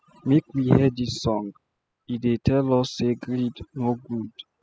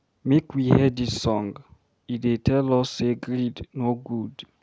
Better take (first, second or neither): second